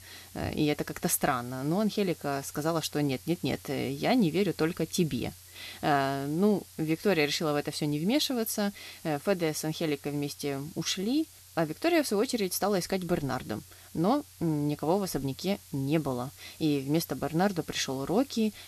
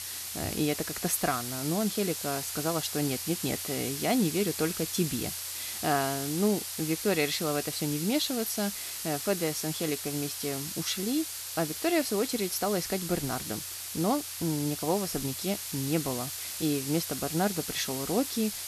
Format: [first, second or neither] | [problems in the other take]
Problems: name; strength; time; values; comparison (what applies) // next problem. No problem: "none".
first | hiss; loud; throughout; 3 dB below the speech; faint in the first